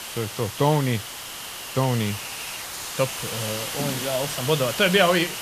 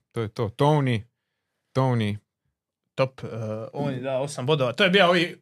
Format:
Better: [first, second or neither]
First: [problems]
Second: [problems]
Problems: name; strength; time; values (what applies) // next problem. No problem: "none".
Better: second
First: hiss; loud; throughout; 6 dB below the speech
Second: none